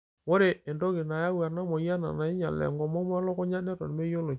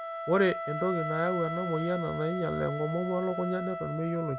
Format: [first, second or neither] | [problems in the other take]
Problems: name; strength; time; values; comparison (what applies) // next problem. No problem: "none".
first | background sound (Wind instrument, woodwind instrument); 6 dB below the speech